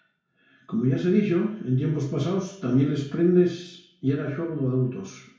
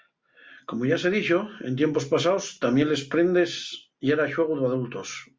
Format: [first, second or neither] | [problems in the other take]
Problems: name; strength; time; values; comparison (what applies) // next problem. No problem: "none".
second | room echo; dies away in 0.6 s